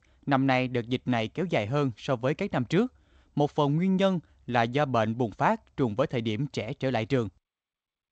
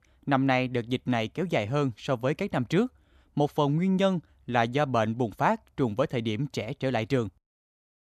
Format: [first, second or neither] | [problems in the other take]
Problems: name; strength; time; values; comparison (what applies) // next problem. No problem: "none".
second | garbled, watery; slightly; nothing above 7.5 kHz